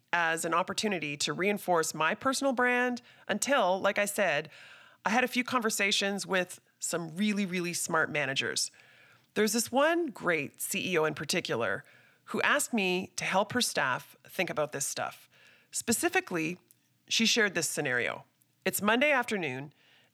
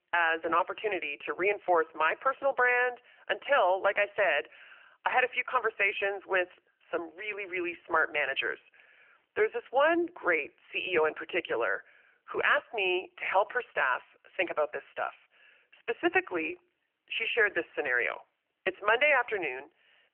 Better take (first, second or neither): first